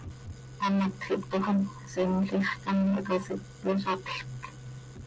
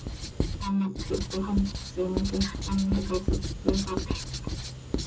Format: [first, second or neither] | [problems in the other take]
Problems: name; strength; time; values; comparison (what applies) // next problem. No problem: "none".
first | background sound (Writing); 1 dB below the speech // room echo; dies away in 0.2 s